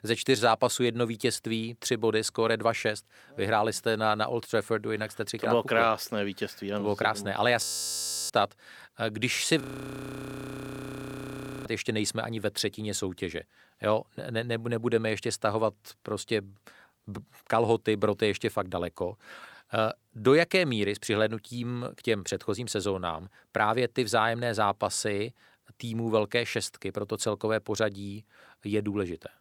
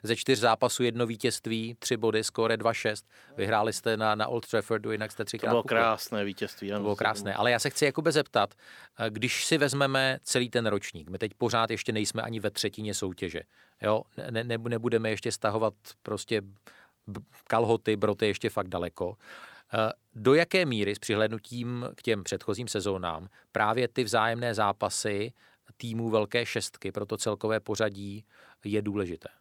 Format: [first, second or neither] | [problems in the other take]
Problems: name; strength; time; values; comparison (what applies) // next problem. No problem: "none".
second | audio freezing; at 7.5 s for 0.5 s and at 9.5 s for 2 s